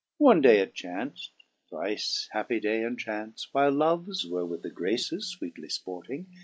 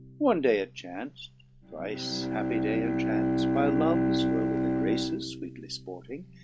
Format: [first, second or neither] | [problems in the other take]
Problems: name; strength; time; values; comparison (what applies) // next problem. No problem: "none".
first | background sound (Bowed string instrument); 2 dB above the speech